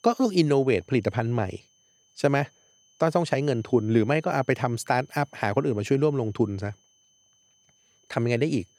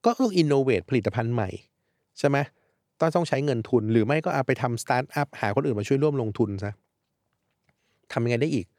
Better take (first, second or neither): second